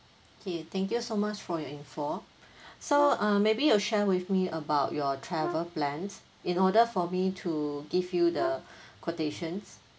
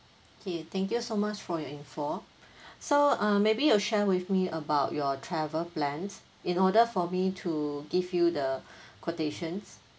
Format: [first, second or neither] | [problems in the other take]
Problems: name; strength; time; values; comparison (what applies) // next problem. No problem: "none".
second | background sound (Brass instrument); 12 dB below the speech